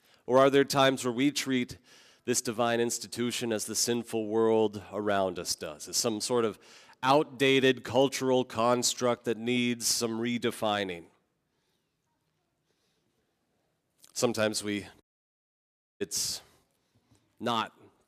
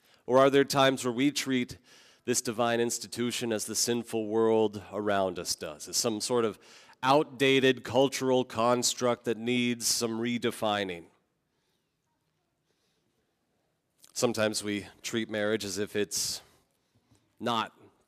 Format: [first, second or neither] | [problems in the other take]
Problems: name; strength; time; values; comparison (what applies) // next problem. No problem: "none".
second | audio cutting out; at 15 s for 1 s